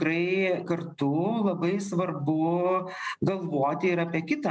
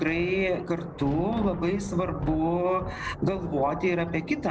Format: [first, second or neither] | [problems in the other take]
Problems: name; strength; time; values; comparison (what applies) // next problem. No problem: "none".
first | background sound (Thunder); 10 dB below the speech